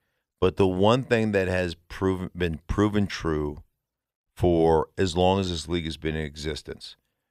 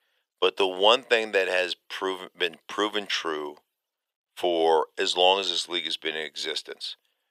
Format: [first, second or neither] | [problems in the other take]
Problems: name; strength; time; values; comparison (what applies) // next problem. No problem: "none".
first | thin; very; fading below 450 Hz